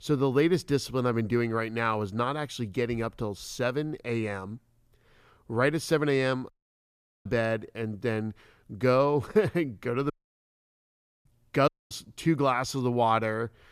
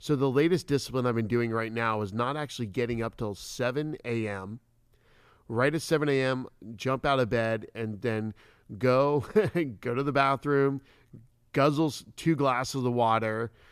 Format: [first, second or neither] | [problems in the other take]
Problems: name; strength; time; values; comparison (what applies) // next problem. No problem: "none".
second | audio cutting out; at 6.5 s for 1 s, at 10 s for 1 s and at 12 s